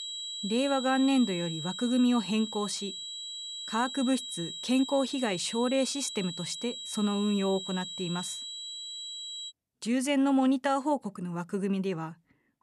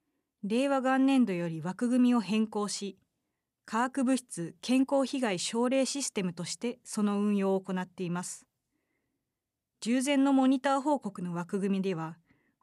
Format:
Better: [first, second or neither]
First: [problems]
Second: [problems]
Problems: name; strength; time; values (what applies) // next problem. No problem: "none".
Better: second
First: high-pitched whine; loud; until 9.5 s; 4 kHz, 7 dB below the speech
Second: none